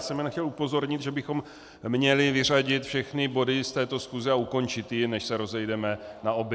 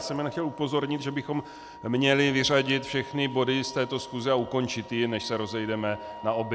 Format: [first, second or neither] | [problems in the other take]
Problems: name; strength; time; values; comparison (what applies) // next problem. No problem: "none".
first | background sound (Wind instrument, woodwind instrument); 17 dB below the speech